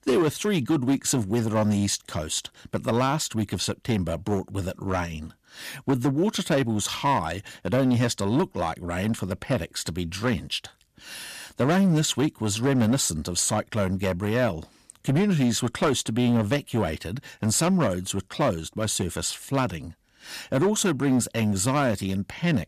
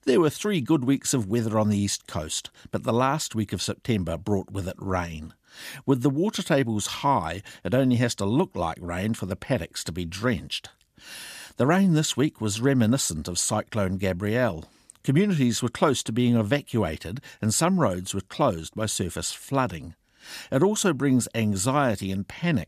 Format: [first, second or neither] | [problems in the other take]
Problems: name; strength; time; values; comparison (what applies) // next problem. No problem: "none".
second | distortion; slight; 7% of the sound clipped